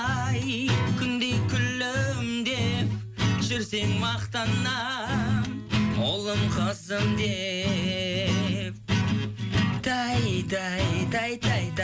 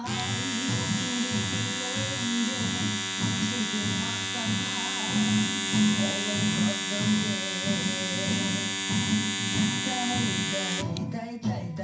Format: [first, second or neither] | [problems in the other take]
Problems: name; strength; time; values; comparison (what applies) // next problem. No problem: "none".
first | background sound (Domestic sounds, home sounds); 1 dB below the speech // room echo; dies away in 0.5 s